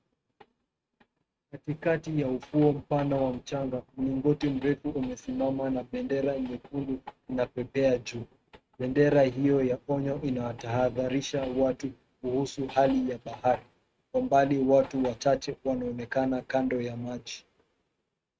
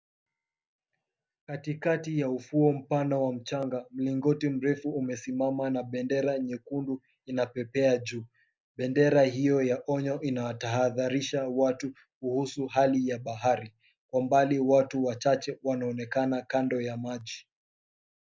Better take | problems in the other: second | noise reduction (neural mask model RNNoise)

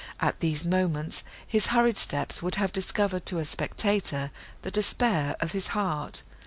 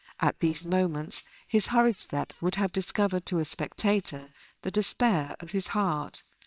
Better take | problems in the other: first | noise reduction (neural separator model SepFormer WHAMR!)

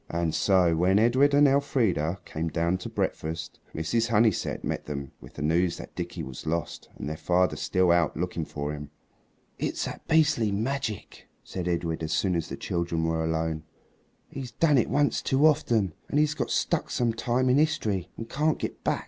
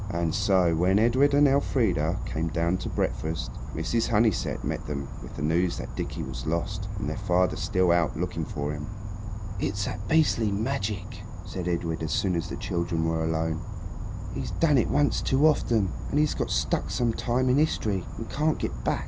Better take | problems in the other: first | background sound (Insect); 5 dB below the speech

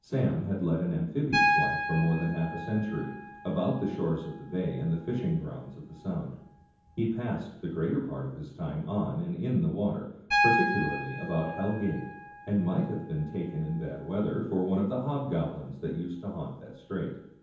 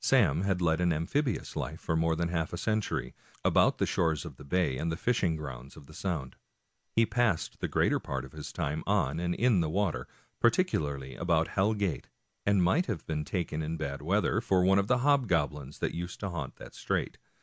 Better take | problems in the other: second | background sound (Piano); 5 dB below the speech // room echo; dies away in 0.9 s

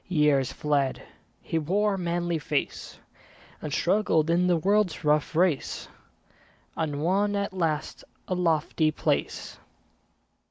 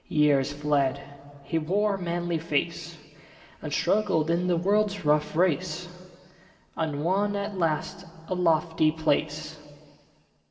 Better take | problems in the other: first | room echo; dies away in 2 s

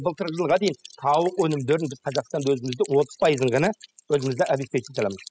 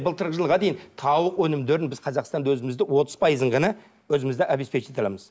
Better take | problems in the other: second | noise reduction (classical method spectral subtraction)

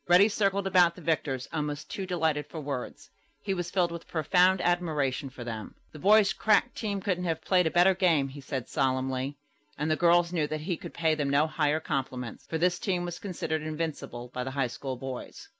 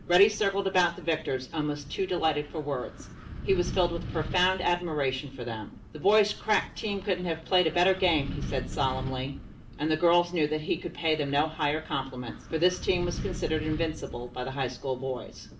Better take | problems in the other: first | background sound (Wind); 11 dB below the speech // room echo; dies away in 0.4 s

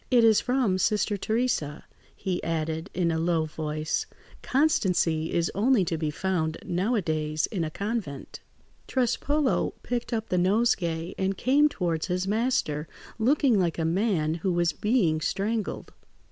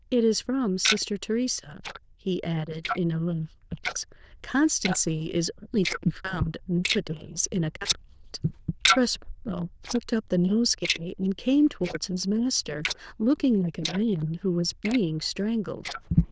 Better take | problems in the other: first | noise reduction (neural diffusion model UNIVERSE++)

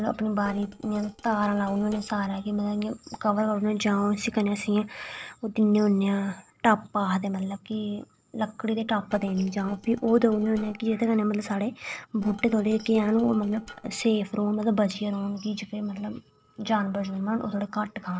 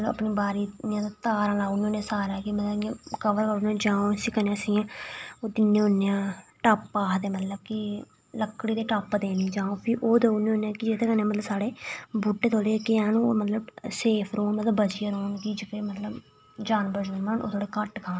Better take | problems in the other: second | noise reduction (neural separator model SepFormer DNS4)

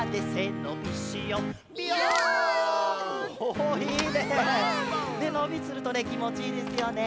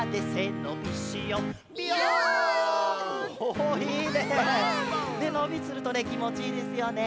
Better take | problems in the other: second | background sound (Crushing + Thump, thud / Bicycle); 17 dB below the speech

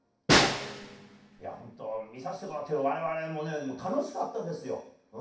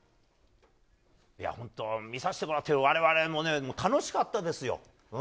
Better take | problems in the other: second | background sound (Snare drum); 4 dB above the speech // room echo; dies away in 0.6 s

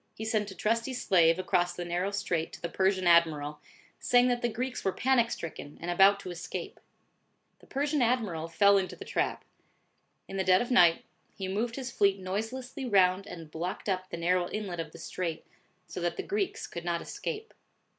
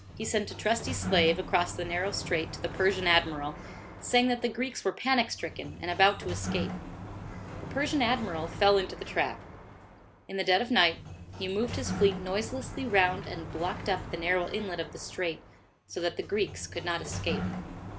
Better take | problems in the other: first | background sound (Sliding door); 9 dB below the speech

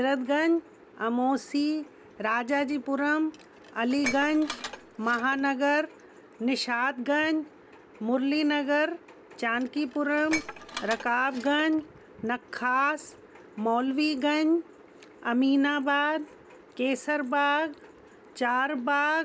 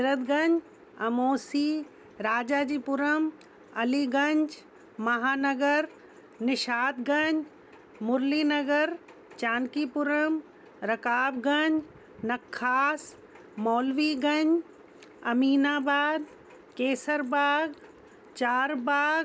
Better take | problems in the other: second | background sound (Dishes, pots, and pans); 13 dB below the speech

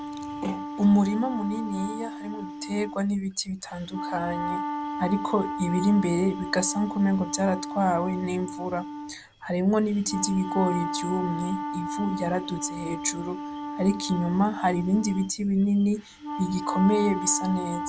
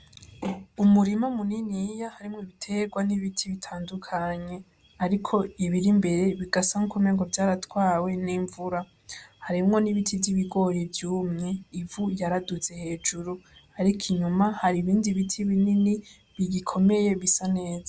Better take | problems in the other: second | background sound (Wind instrument, woodwind instrument); 7 dB below the speech

